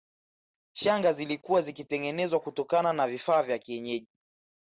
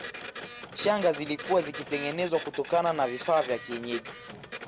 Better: first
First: none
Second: background sound (Printer); 12 dB below the speech

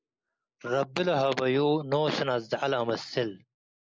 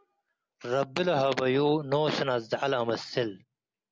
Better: second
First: noise reduction (neural mask model Resemble Enhance denoiser)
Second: none

